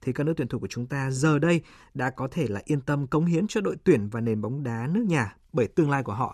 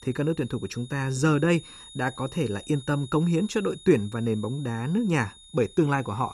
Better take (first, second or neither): first